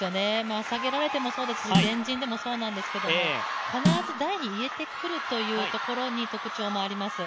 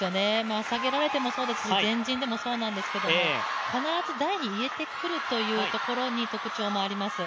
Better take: second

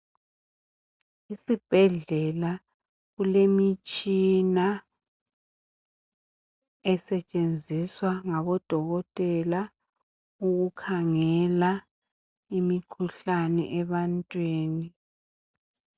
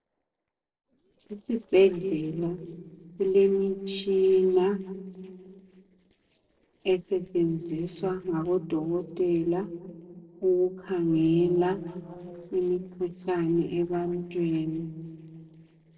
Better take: first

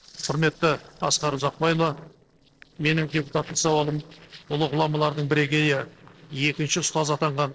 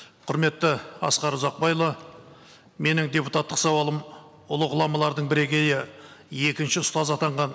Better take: second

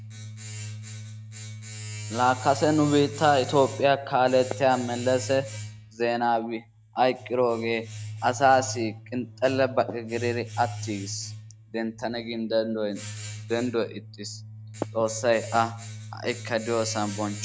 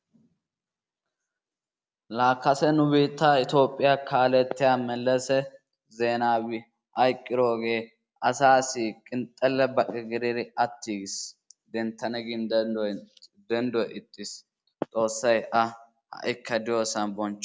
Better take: second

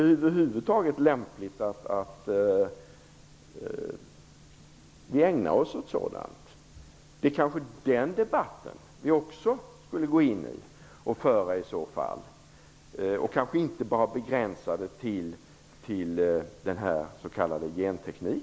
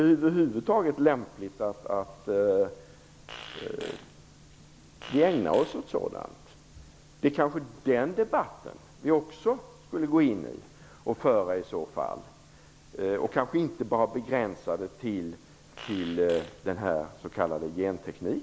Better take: first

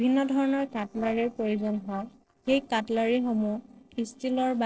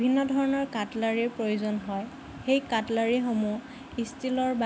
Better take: second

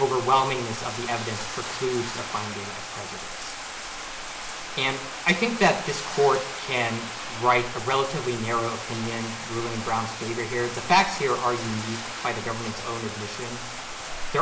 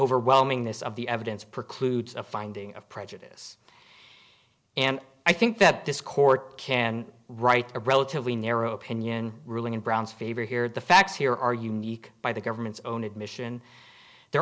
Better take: second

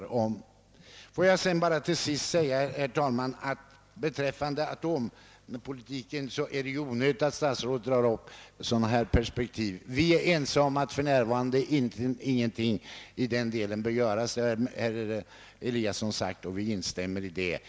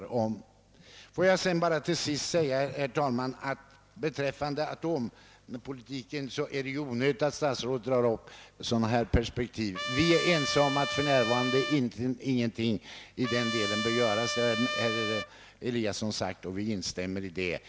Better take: first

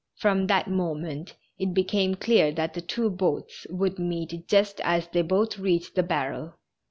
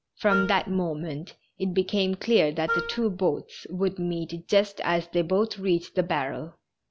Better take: first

